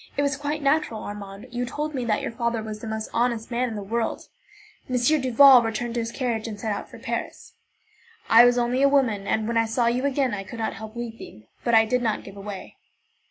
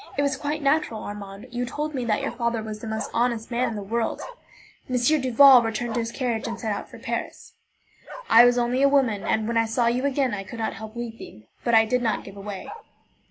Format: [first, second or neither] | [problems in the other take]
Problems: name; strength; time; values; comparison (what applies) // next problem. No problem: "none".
first | background sound (Bark); 17 dB below the speech